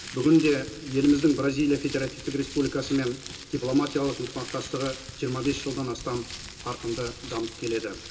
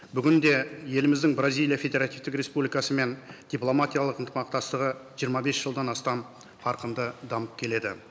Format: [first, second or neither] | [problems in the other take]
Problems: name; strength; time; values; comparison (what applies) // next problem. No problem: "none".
second | background sound (Crumpling, crinkling); 14 dB below the speech // room echo; dies away in 0.2 s